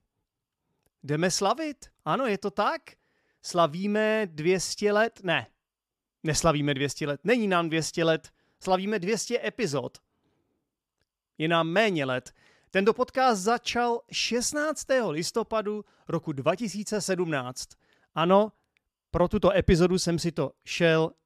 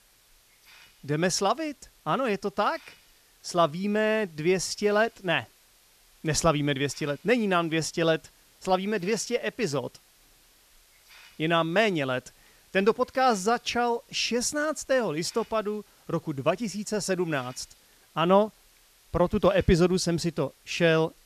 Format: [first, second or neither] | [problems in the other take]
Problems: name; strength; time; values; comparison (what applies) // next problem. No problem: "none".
first | hiss; faint; throughout; 30 dB below the speech